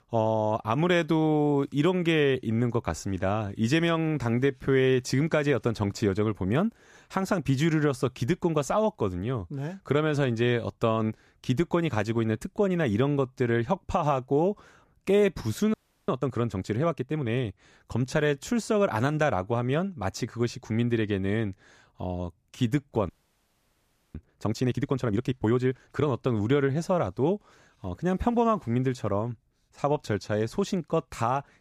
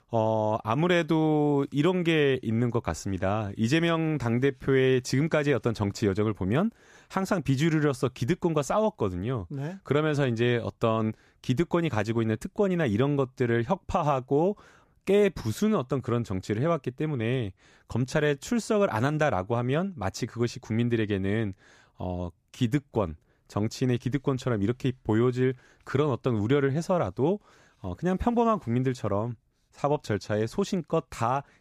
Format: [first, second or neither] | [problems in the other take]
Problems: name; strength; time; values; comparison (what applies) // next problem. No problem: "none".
second | audio freezing; at 16 s and at 23 s for 1 s